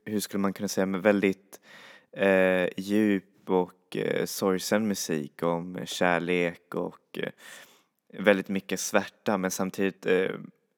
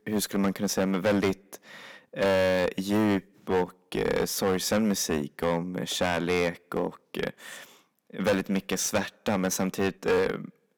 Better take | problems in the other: first | distortion; heavy; 8% of the sound clipped

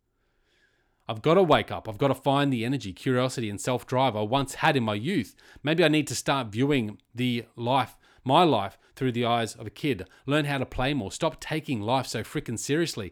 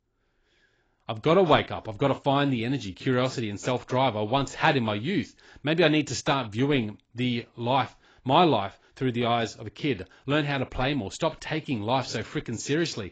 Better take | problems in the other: first | garbled, watery; badly; nothing above 7.5 kHz

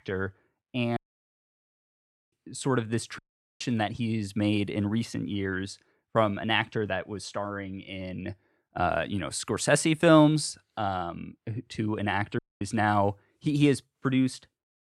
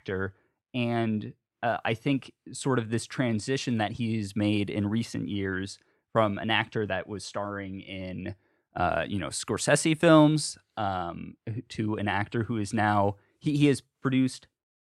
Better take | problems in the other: second | audio cutting out; at 1 s for 1.5 s, at 3 s and at 12 s

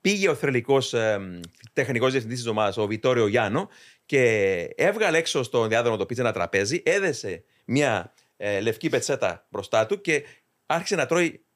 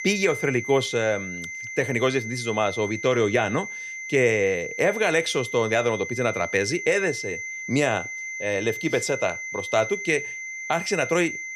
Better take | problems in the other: first | high-pitched whine; loud; throughout; 2 kHz, 7 dB below the speech

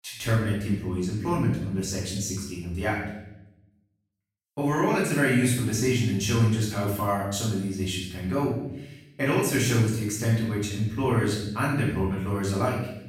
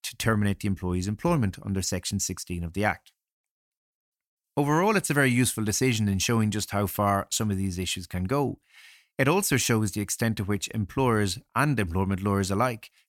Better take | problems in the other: second | room echo; noticeable; dies away in 0.8 s // off-mic speech; far

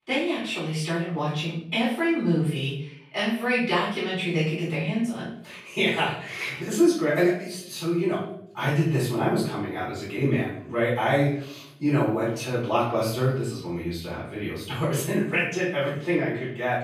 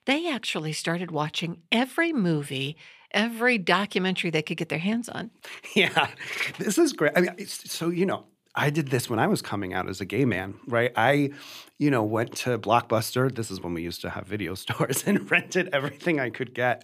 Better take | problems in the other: second | room echo; noticeable; dies away in 0.5 s // off-mic speech; far

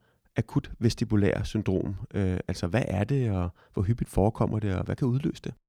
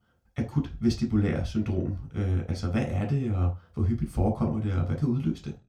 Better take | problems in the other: first | room echo; very slight; dies away in 0.3 s // off-mic speech; somewhat distant

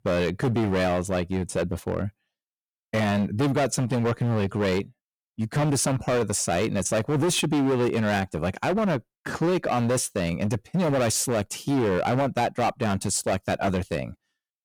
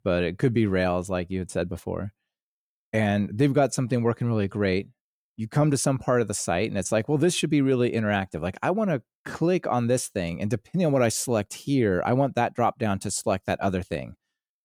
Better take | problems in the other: second | distortion; heavy; 18% of the sound clipped

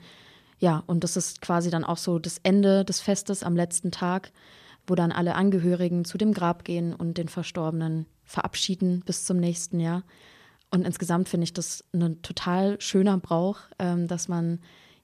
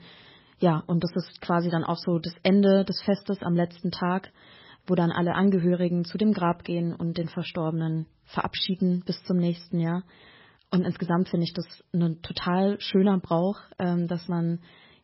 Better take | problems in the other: first | garbled, watery; badly; nothing above 5.5 kHz

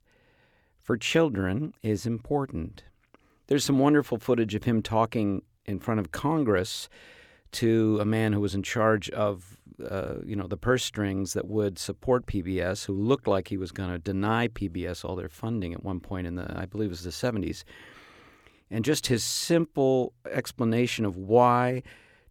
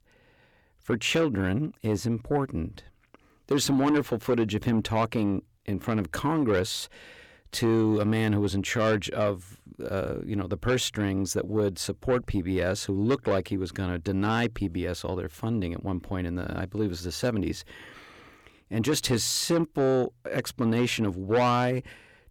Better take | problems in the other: first | distortion; slight; 10 dB below the speech

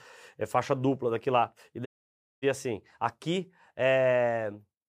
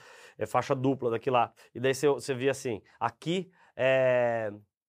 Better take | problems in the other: second | audio cutting out; at 2 s for 0.5 s

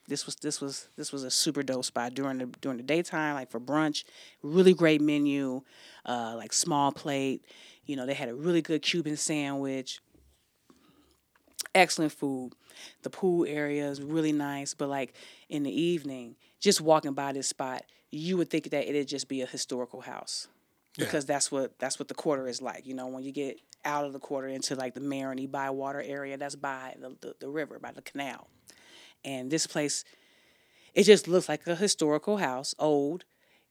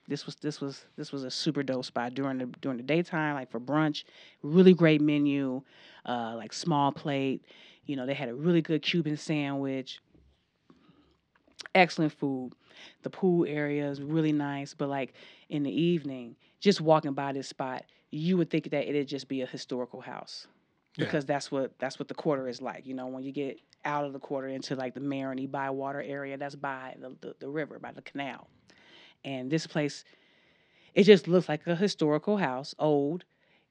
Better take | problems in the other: first | muffled; slightly; fading above 4 kHz

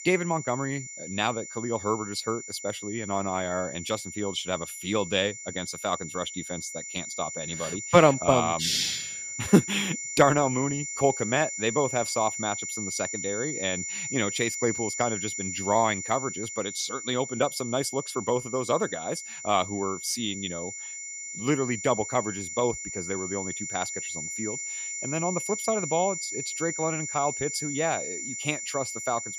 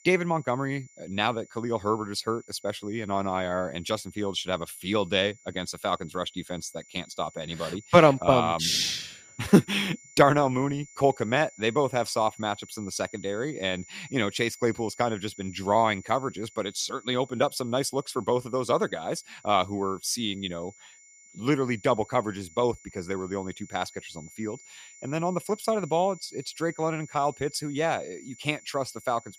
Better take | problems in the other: second | high-pitched whine; loud; throughout; 7 kHz, 5 dB below the speech; faint in the second

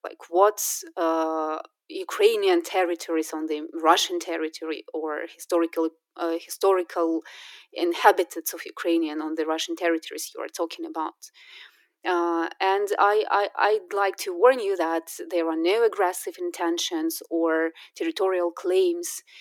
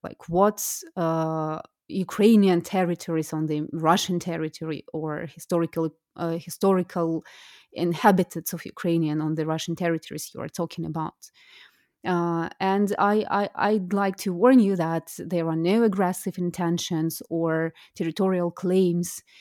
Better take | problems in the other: second | thin; very; fading below 300 Hz

